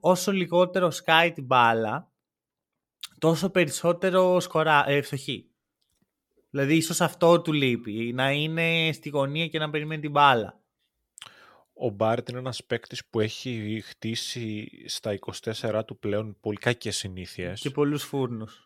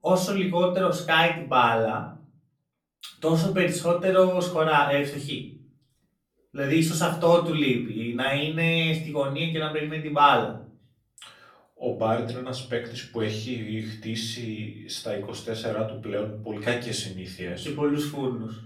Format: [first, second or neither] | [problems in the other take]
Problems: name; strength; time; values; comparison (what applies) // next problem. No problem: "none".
first | off-mic speech; far // room echo; slight; dies away in 0.4 s